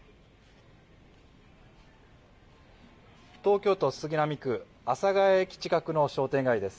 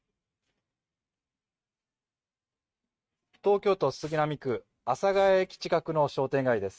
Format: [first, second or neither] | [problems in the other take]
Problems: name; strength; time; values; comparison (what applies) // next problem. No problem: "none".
first | noise reduction (neural mask model RNNoise)